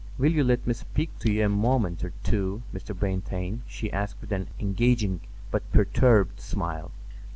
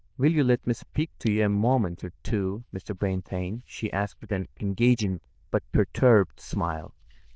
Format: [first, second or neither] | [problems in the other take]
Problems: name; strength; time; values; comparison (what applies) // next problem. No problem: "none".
first | noise reduction (neural diffusion model UNIVERSE++)